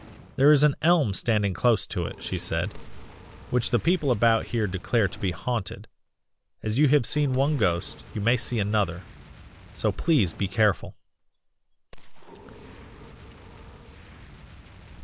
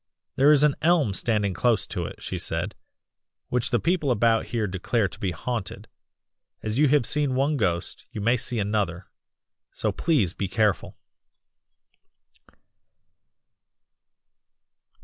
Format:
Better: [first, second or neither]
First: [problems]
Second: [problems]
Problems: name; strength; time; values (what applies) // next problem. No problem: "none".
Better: second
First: background sound (Fire + Gunshot, gunfire); 18 dB below the speech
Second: none